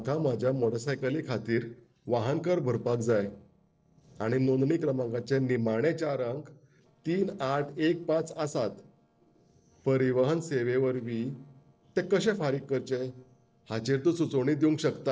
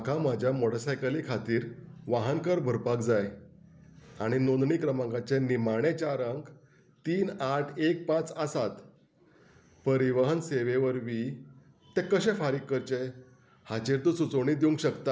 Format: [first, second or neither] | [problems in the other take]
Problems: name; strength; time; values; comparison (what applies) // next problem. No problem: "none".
second | noise reduction (neural separator model SepFormer DNS4)